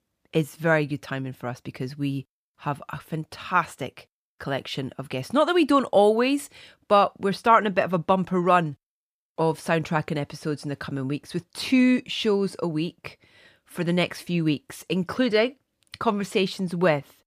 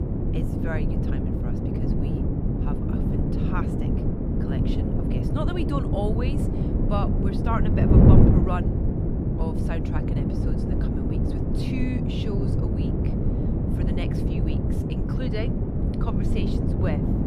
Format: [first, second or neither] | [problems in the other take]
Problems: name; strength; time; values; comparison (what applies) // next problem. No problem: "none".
first | wind noise on the microphone; heavy; 3 dB above the speech